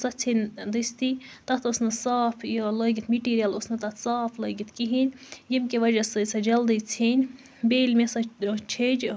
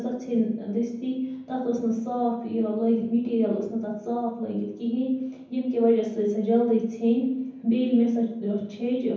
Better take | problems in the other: first | room echo; dies away in 0.9 s

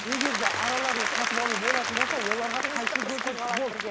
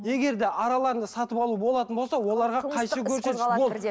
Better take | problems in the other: second | background sound (Applause); 3 dB above the speech

